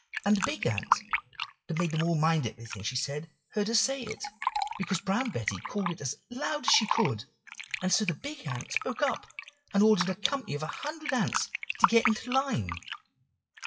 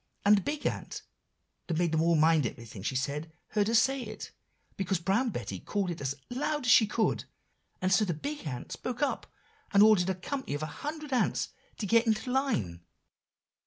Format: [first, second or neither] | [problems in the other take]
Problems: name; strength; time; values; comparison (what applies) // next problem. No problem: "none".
second | noise reduction (classical method WPE with log-MMSE)